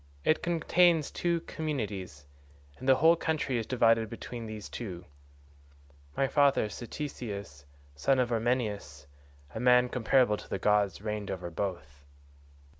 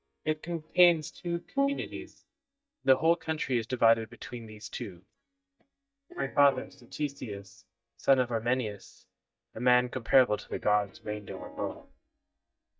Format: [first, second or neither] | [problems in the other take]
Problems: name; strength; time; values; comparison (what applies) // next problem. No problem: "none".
first | noise reduction (neural mask model DeepFilterNet 3)